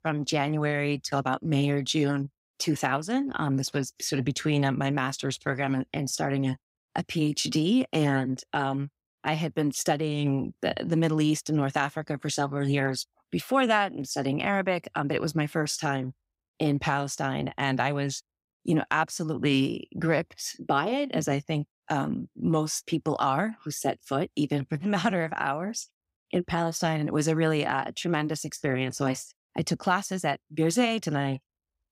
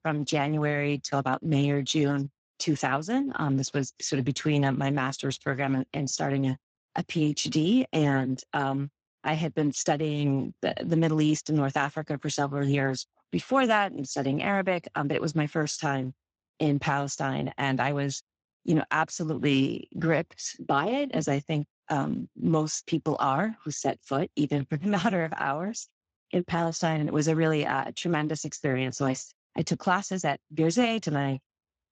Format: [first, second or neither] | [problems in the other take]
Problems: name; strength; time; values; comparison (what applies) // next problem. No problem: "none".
first | garbled, watery; slightly; nothing above 7.5 kHz